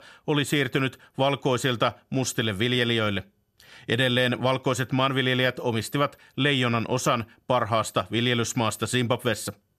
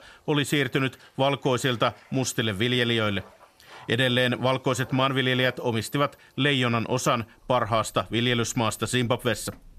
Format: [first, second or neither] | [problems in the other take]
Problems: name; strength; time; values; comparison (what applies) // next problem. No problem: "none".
first | household noises; faint; throughout; 30 dB below the speech